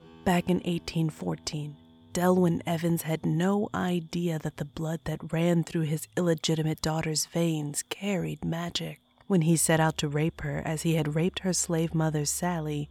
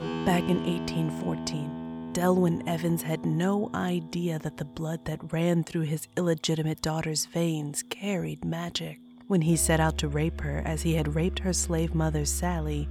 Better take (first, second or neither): first